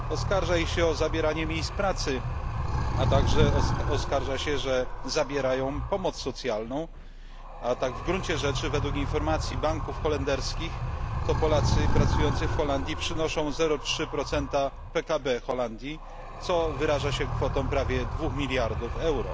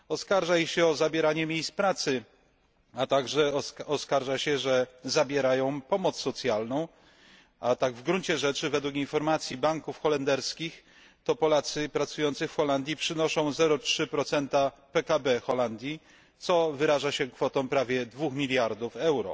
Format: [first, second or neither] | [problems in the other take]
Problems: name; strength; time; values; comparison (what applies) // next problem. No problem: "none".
second | background sound (Animal); as loud as the speech